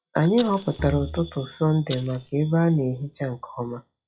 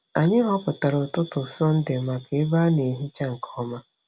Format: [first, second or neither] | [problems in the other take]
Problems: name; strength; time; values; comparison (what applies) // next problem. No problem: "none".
second | noise reduction (classical method log-MMSE)